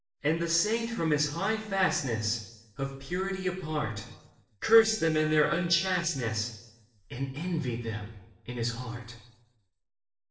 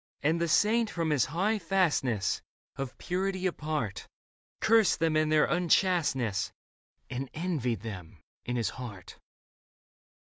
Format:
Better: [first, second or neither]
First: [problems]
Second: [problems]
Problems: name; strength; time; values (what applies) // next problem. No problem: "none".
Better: second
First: noise reduction (neural separator model SepFormer DNS4)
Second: none